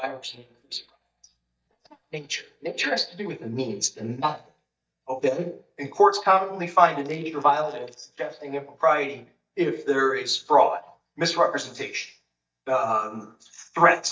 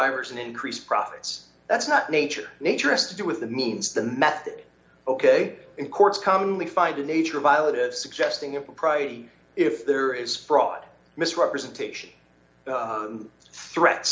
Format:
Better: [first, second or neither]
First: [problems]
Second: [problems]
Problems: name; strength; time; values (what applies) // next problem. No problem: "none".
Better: second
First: noise reduction (neural mask model DeepFilterNet 3)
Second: none